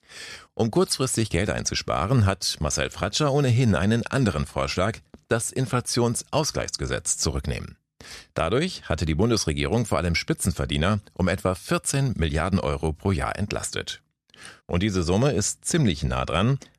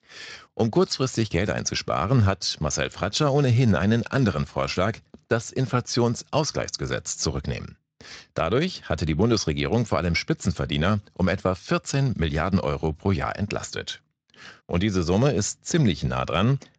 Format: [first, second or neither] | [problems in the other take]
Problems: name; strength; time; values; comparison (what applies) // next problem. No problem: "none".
first | garbled, watery; slightly; nothing above 7.5 kHz